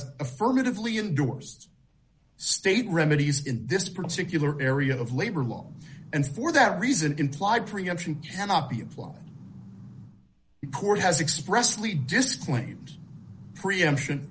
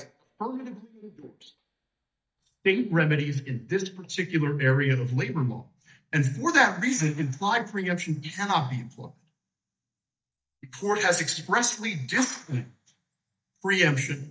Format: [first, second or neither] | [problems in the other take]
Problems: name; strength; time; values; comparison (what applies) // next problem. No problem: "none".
first | noise reduction (neural mask model DeepFilterNet 3)